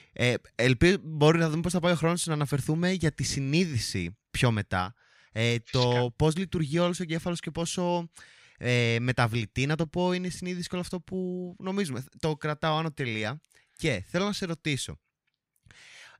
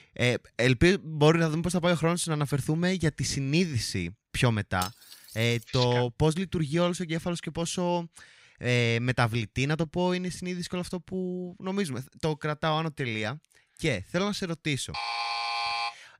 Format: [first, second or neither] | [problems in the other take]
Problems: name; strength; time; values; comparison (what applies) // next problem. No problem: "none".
first | clattering dishes; faint; at 5 s; peak 10 dB below the speech // alarm; noticeable; at 15 s; peak 1 dB below the speech